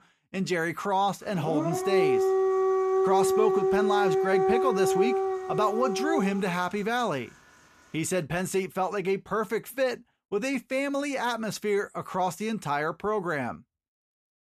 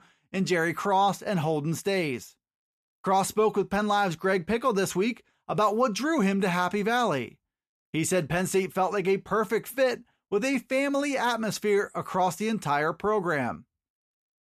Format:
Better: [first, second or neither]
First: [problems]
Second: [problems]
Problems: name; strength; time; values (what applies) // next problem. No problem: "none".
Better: second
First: dog barking; loud; from 1.5 to 6.5 s; peak 5 dB above the speech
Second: none